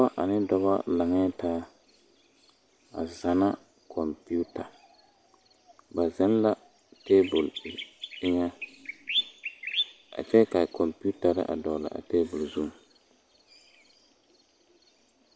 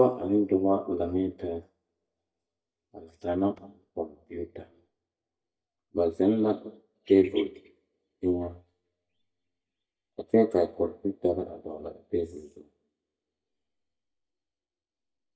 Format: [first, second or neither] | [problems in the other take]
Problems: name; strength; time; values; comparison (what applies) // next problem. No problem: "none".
first | noise reduction (neural mask model DeepFilterNet 3)